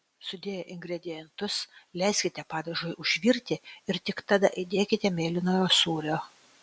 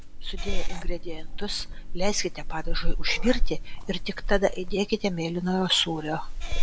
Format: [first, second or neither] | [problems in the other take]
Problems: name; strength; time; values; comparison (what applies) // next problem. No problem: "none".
first | background sound (Meow / Purr); 4 dB above the speech